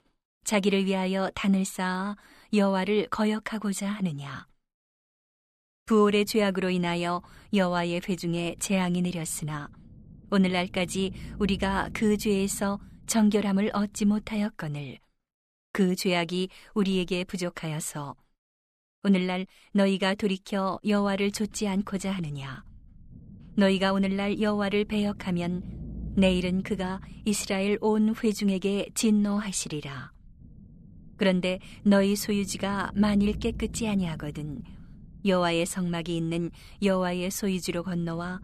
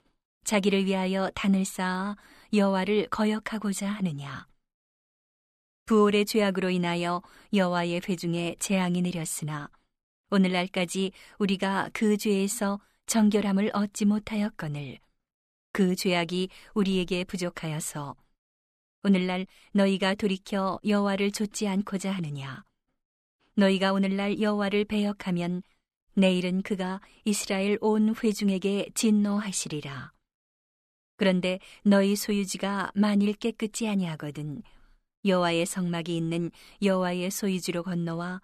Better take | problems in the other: second | low rumble; faint; from 6 to 14 s and from 21 s on; 25 dB below the speech

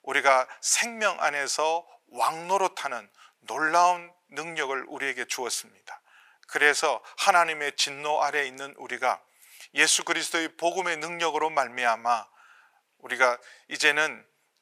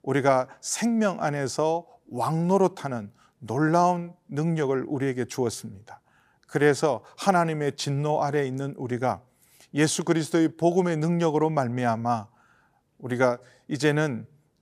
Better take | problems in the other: second | thin; very; fading below 900 Hz

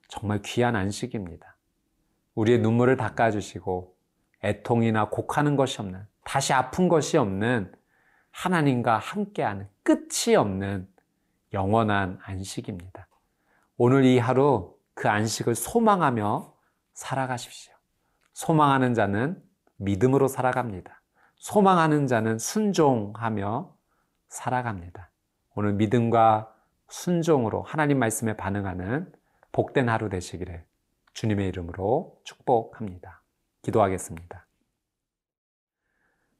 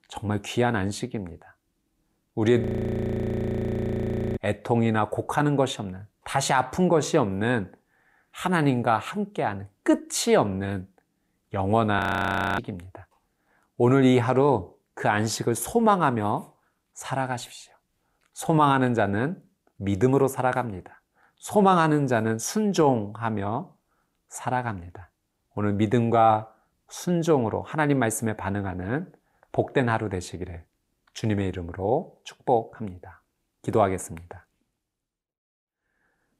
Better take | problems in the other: first | audio freezing; at 2.5 s for 2 s and at 12 s for 0.5 s

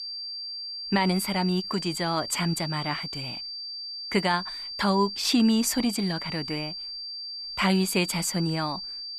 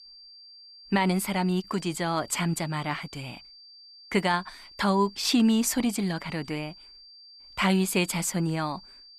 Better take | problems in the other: second | high-pitched whine; loud; throughout; 4.5 kHz, 7 dB below the speech; faint in the second

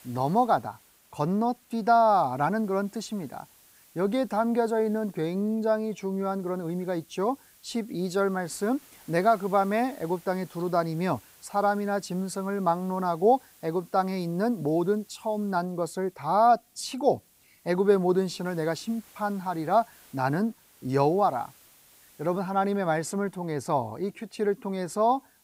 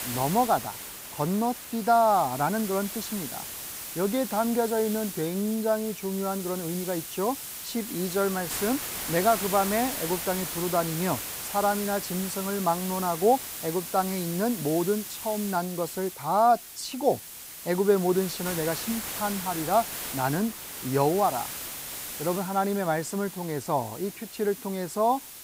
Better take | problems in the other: first | hiss; loud; throughout; 7 dB below the speech; faint in the first

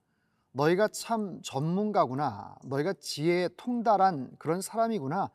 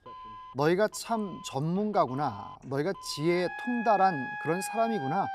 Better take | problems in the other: first | alarms or sirens; noticeable; throughout; 10 dB below the speech

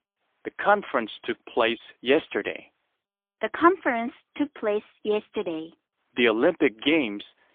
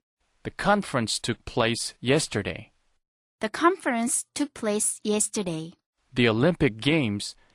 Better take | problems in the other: second | phone-call audio; poor line; nothing above 3.5 kHz

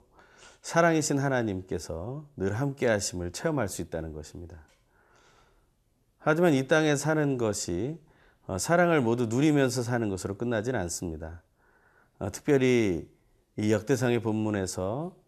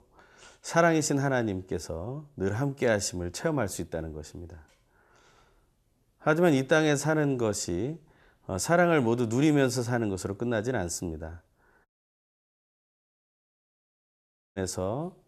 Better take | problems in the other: first | audio cutting out; at 12 s for 2.5 s

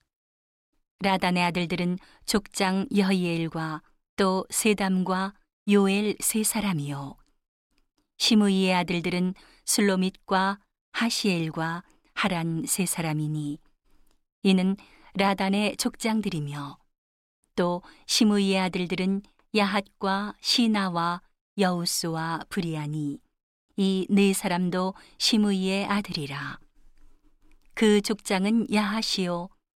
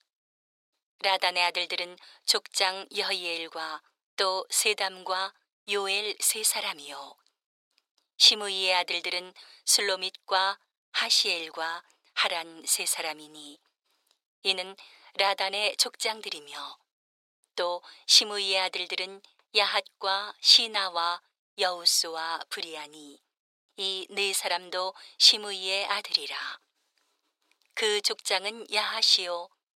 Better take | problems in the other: first | thin; very; fading below 500 Hz

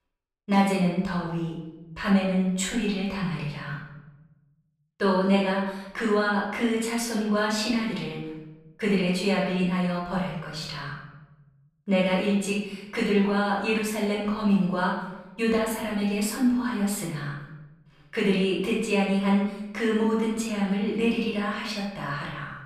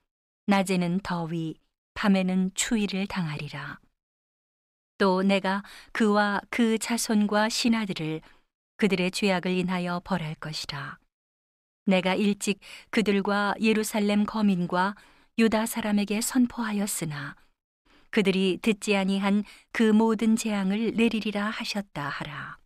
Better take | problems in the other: second | off-mic speech; far // room echo; noticeable; dies away in 0.9 s

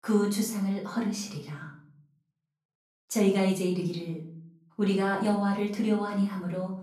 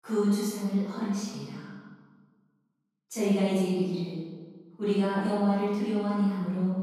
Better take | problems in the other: first | room echo; strong; dies away in 1.3 s; slight in the first // off-mic speech; far; far in the first

